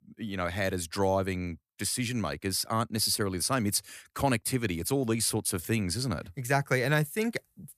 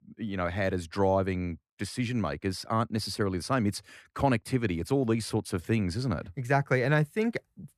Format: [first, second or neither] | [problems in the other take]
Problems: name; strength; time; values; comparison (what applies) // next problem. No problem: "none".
first | muffled; slightly; fading above 2 kHz